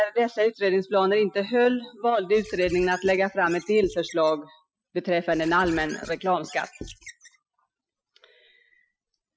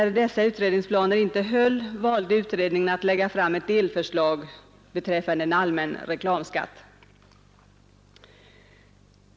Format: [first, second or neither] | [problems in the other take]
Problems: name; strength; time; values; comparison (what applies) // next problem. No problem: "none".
second | noise reduction (classical method Wiener filter)